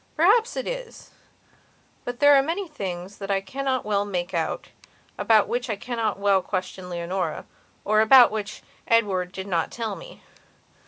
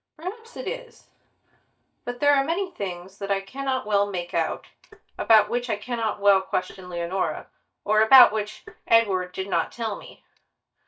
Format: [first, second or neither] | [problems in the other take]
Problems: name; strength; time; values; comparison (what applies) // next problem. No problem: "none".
first | noise reduction (neural mask model DeepFilterNet 3)